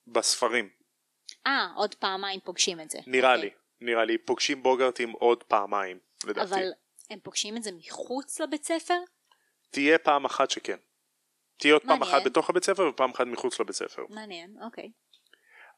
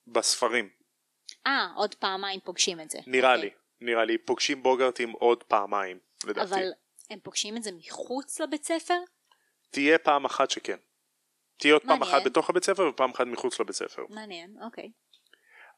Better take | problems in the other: neither | thin; somewhat; fading below 350 Hz; the same in both

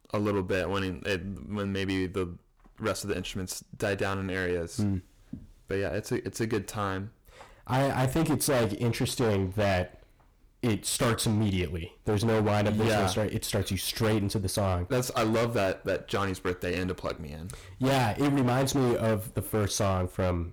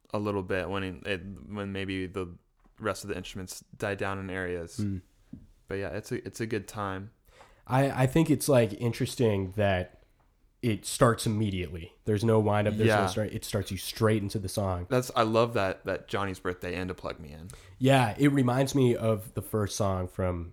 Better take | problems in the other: second | distortion; heavy; 14% of the sound clipped

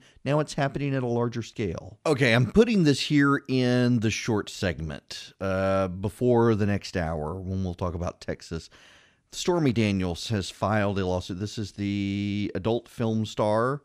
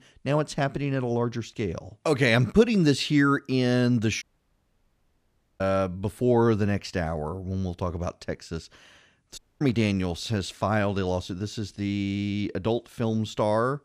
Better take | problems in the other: first | audio cutting out; at 4 s for 1.5 s and at 9.5 s

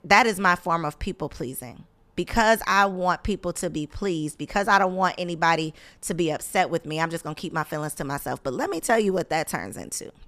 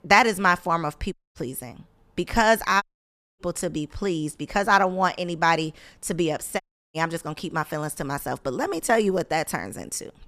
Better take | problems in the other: first | audio cutting out; at 1 s, at 3 s for 0.5 s and at 6.5 s

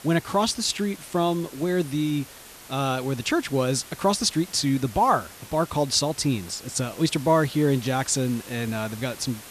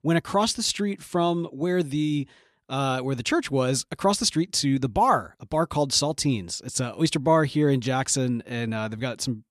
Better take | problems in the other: second | hiss; noticeable; throughout; 15 dB below the speech

